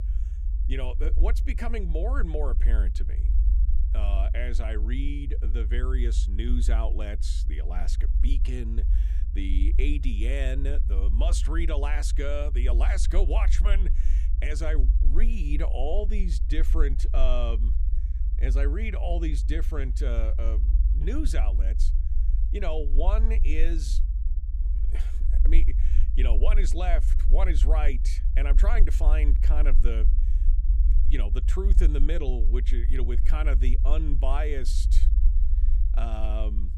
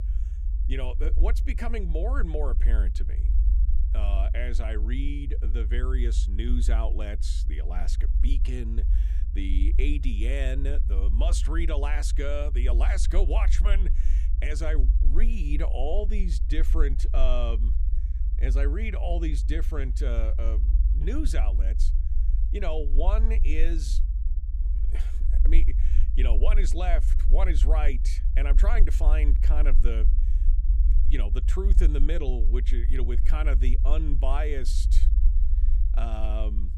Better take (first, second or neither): neither